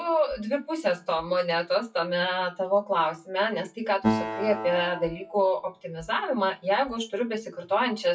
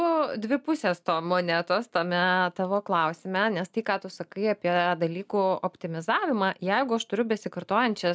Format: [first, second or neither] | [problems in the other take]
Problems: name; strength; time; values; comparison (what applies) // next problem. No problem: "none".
second | noise reduction (classical method WPE with log-MMSE)